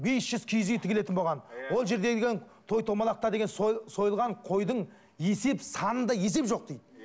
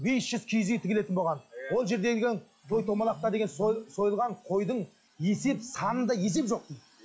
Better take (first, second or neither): first